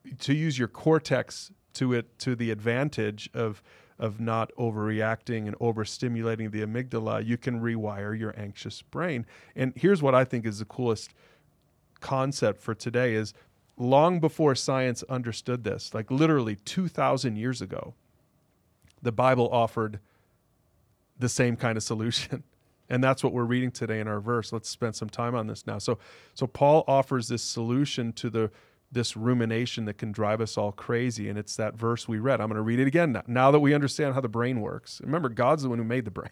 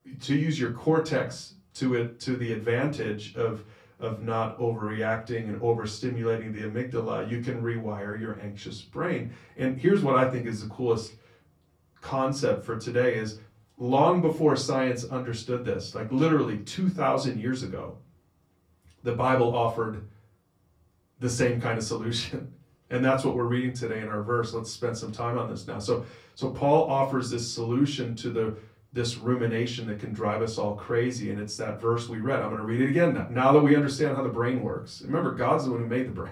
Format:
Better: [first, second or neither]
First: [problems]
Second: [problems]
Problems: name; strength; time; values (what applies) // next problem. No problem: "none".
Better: first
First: none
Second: off-mic speech; far // room echo; very slight; dies away in 0.3 s